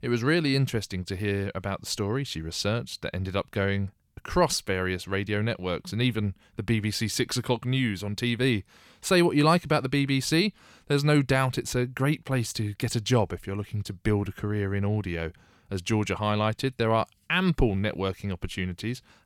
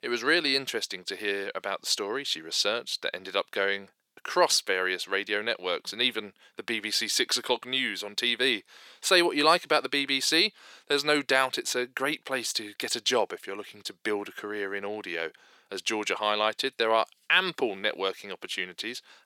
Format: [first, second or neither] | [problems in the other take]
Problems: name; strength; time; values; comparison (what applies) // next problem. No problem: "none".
first | thin; very; fading below 400 Hz